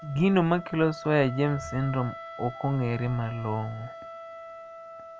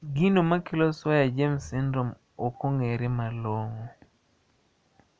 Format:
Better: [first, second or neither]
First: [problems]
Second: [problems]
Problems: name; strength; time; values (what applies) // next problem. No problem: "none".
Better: second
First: background sound (Wind instrument, woodwind instrument); 14 dB below the speech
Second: none